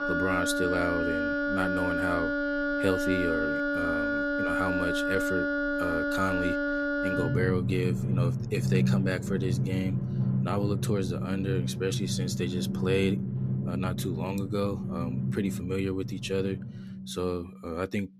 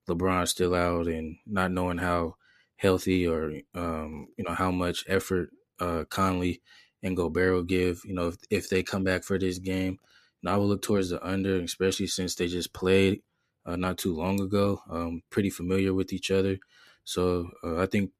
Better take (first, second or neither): second